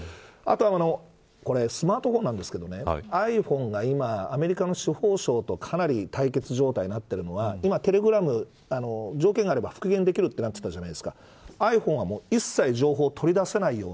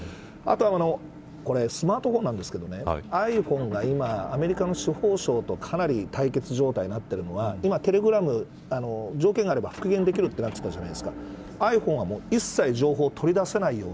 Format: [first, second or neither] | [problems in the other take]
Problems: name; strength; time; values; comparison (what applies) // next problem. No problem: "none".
first | background sound (Motor vehicle (road) / Engine); 16 dB below the speech